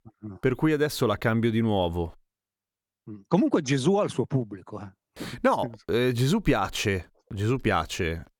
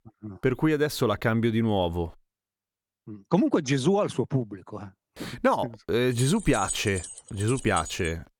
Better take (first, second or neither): first